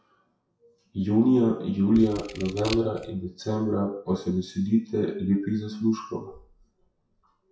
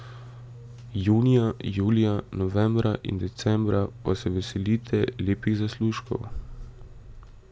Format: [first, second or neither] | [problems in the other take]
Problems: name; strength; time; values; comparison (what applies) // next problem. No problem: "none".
second | noise reduction (classical method WPE with log-MMSE)